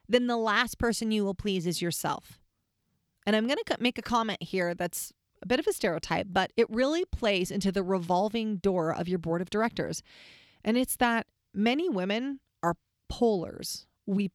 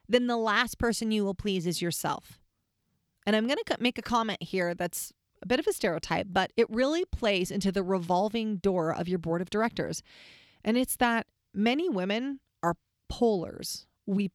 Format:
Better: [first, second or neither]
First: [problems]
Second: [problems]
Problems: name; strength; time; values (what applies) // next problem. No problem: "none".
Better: neither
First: none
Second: none